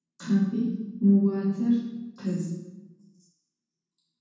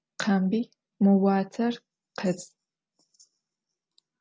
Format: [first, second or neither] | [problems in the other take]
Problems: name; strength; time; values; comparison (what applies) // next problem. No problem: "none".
second | room echo; dies away in 1.2 s